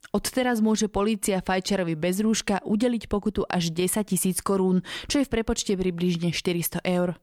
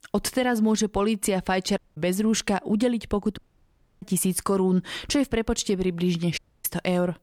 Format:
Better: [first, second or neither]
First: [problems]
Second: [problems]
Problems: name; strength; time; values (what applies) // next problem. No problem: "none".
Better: first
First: none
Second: audio cutting out; at 2 s, at 3.5 s for 0.5 s and at 6.5 s